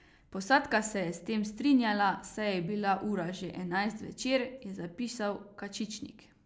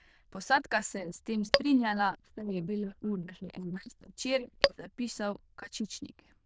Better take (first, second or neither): first